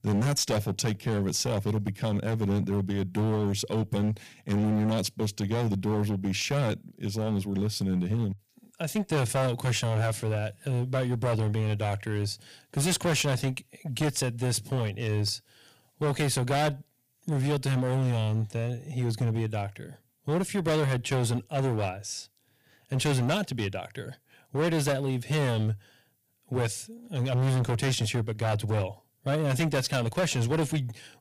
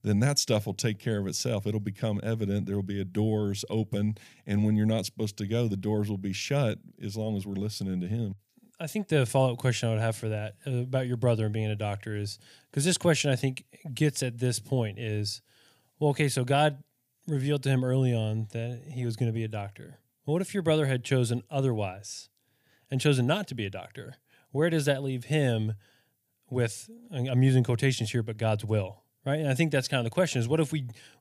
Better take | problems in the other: second | distortion; heavy; 15% of the sound clipped

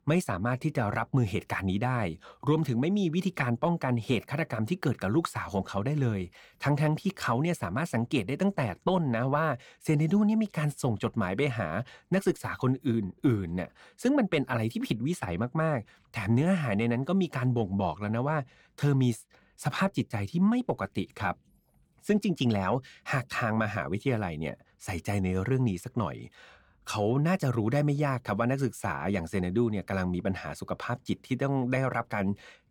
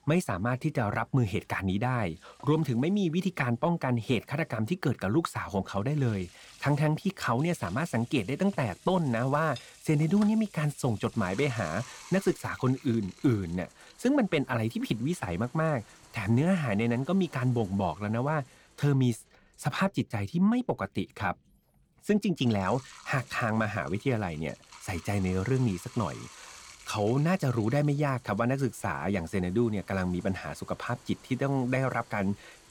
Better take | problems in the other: first | household noises; faint; throughout; 20 dB below the speech

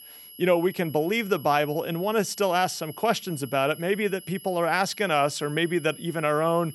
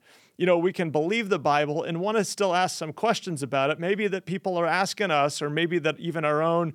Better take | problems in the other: second | high-pitched whine; noticeable; throughout; 11.5 kHz, 15 dB below the speech

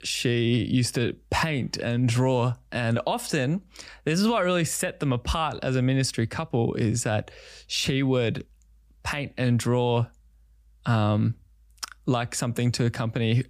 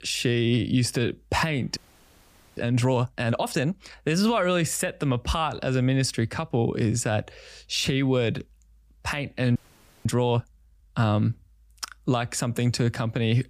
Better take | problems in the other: first | audio freezing; at 2 s for 1 s and at 9.5 s

